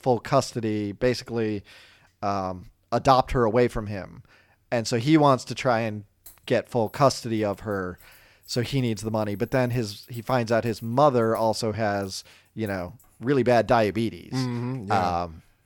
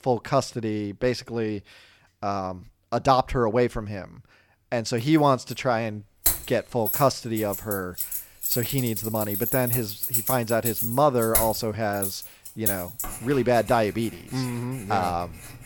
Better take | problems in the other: first | household noises; loud; from 5.5 s on; 2 dB below the speech; faint in the first

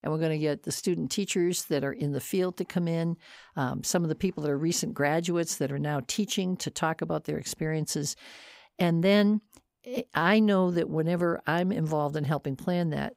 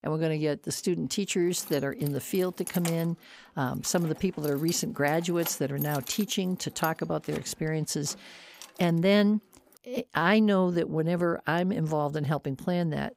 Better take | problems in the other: first | jangling keys; noticeable; from 1.5 to 9 s; peak 7 dB below the speech

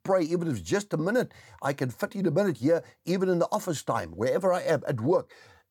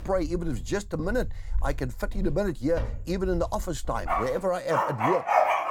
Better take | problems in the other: first | animal sounds; loud; throughout; 1 dB below the speech

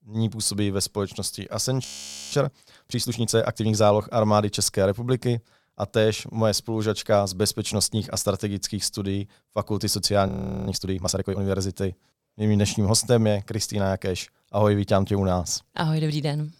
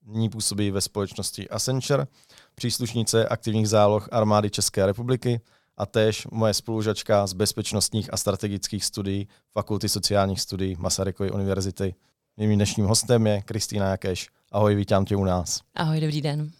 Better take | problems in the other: second | audio freezing; at 2 s and at 10 s

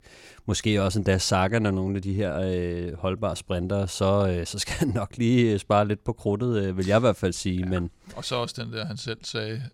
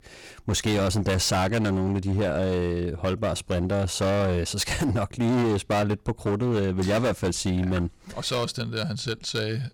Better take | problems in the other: first | distortion; heavy; 18% of the sound clipped

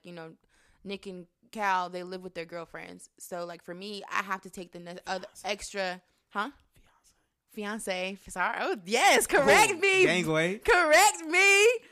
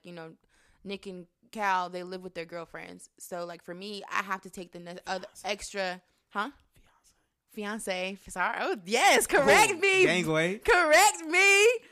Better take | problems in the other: neither | none

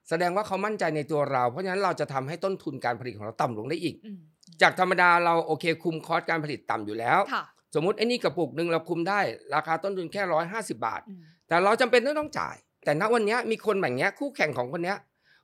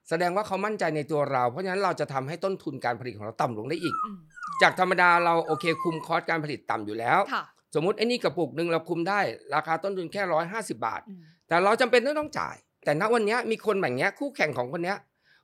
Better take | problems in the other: first | dog barking; noticeable; from 4 to 6 s; peak 5 dB below the speech

